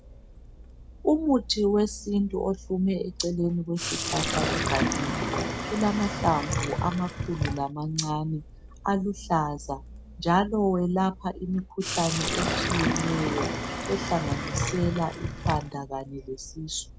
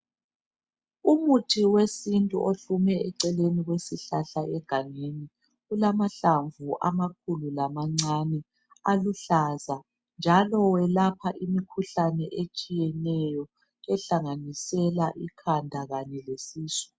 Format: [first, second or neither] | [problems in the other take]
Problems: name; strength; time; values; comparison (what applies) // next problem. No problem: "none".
second | background sound (Sink (filling or washing)); 4 dB below the speech